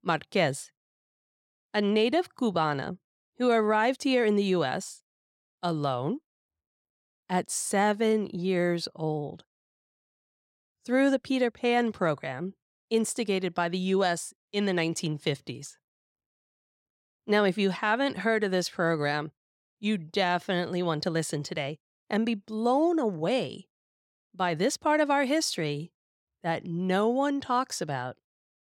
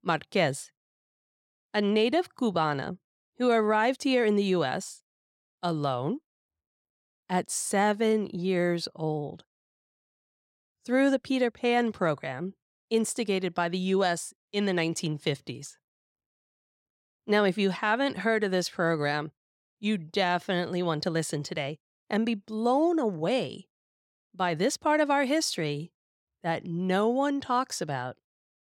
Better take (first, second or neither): neither